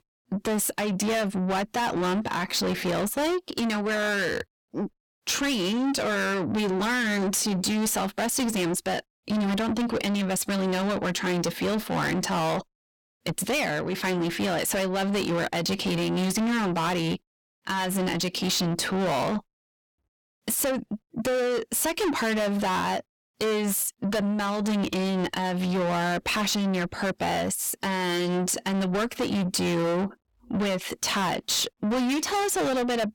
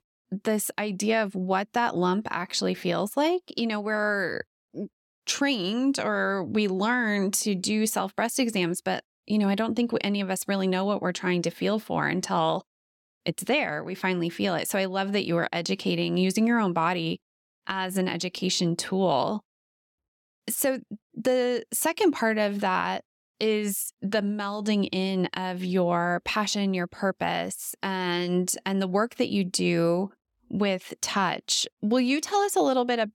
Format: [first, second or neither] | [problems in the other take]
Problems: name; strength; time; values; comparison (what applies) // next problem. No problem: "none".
second | distortion; heavy; 6 dB below the speech